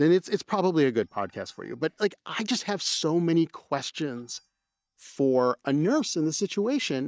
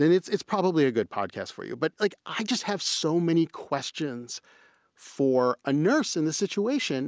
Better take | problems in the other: second | noise reduction (neural mask model DeepFilterNet 3)

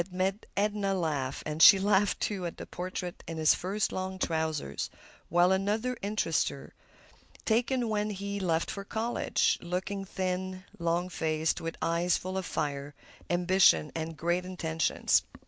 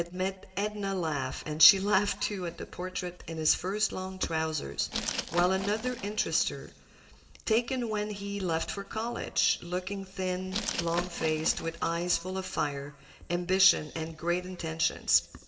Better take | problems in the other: first | background sound (Glass); 9 dB below the speech // room echo; dies away in 1.5 s

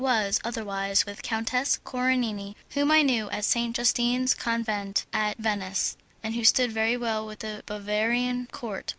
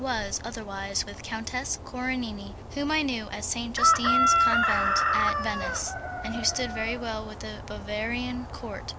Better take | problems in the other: first | background sound (Chicken, rooster); 2 dB above the speech

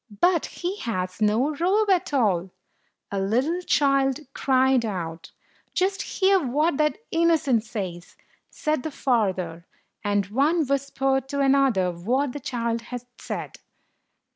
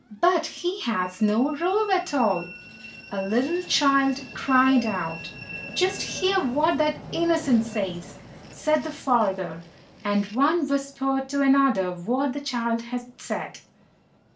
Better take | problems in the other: first | background sound (Train); 17 dB below the speech // room echo; dies away in 0.3 s

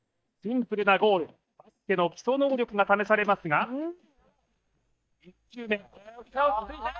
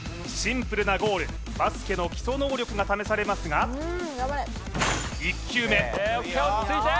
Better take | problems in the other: second | noise reduction (neural mask model DeepFilterNet 3)

